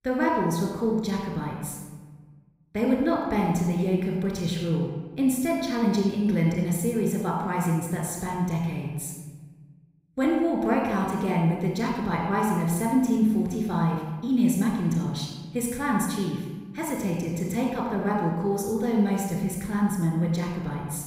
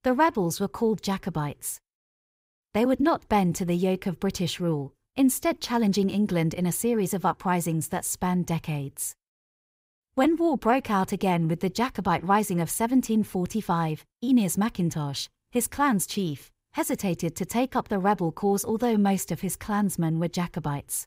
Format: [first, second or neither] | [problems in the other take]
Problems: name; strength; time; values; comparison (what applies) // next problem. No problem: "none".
second | off-mic speech; somewhat distant // room echo; noticeable; dies away in 1.2 s